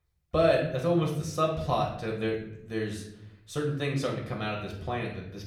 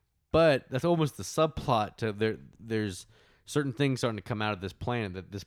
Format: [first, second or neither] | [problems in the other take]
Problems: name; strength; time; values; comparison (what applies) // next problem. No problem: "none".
second | room echo; slight; dies away in 0.7 s // off-mic speech; somewhat distant